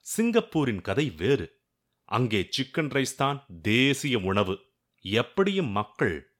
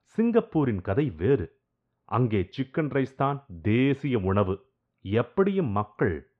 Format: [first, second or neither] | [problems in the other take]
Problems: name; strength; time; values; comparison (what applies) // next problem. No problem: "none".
first | muffled; very; fading above 1.5 kHz